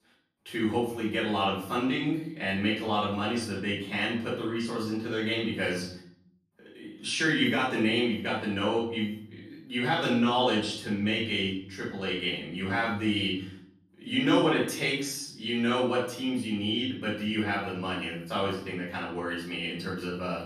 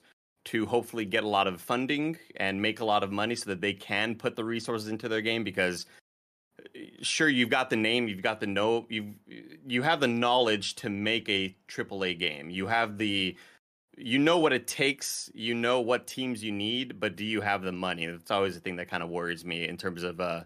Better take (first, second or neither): second